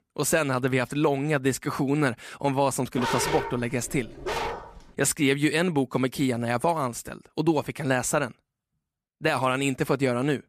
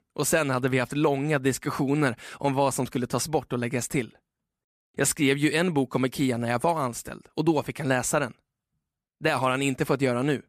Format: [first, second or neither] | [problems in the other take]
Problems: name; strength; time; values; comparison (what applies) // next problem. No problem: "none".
second | dog barking; noticeable; from 3 to 5 s; peak 2 dB below the speech